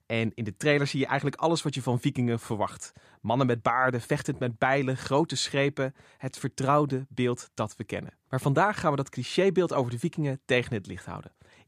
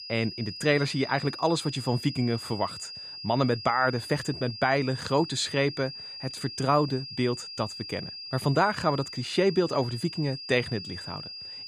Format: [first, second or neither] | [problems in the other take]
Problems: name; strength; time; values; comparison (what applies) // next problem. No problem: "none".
first | high-pitched whine; loud; throughout; 5 kHz, 10 dB below the speech